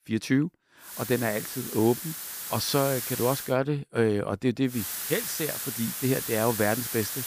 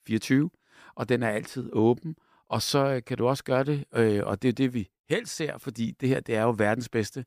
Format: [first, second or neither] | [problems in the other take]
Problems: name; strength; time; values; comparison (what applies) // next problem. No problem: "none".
second | hiss; loud; from 1 to 3.5 s and from 5 s on; 4 dB below the speech